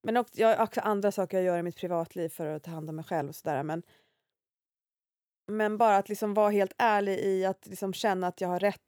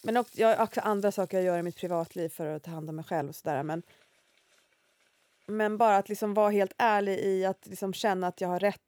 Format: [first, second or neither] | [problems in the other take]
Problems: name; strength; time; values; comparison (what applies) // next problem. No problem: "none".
first | household noises; faint; throughout; 30 dB below the speech